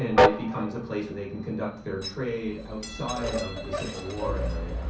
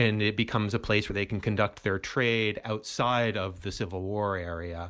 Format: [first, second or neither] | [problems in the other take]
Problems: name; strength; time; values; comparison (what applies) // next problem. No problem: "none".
second | background sound (Train); 3 dB above the speech // room echo; dies away in 0.6 s